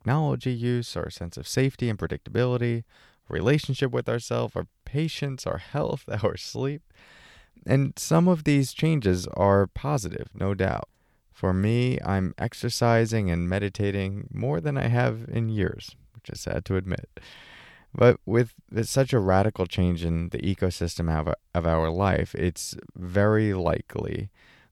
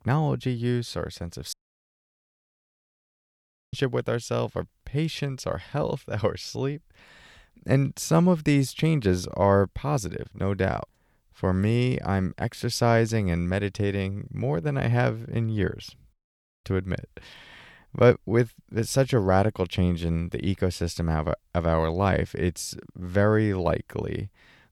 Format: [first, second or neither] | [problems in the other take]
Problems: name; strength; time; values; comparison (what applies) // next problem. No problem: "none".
first | audio cutting out; at 1.5 s for 2 s and at 16 s for 0.5 s